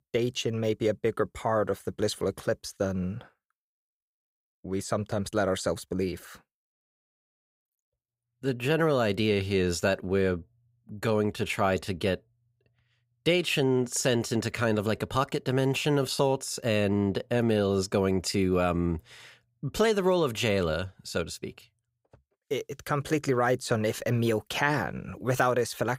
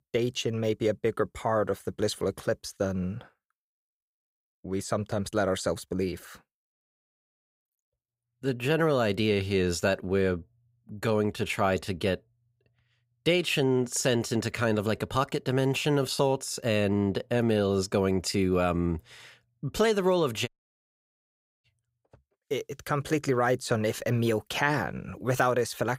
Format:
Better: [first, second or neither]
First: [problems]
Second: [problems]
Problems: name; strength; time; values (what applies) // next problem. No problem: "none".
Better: first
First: none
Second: audio cutting out; at 20 s for 1 s